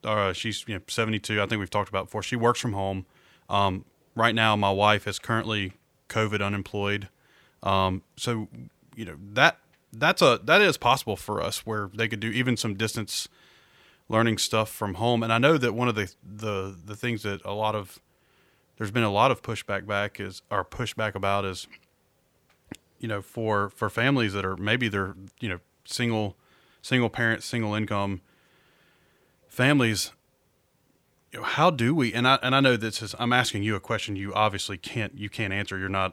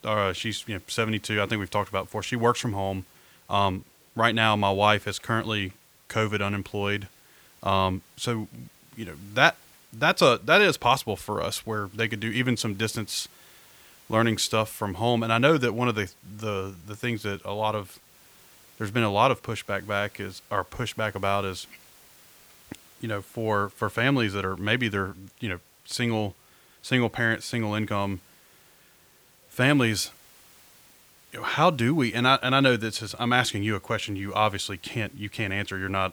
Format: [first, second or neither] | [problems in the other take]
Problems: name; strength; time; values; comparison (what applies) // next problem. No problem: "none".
first | hiss; faint; throughout; 25 dB below the speech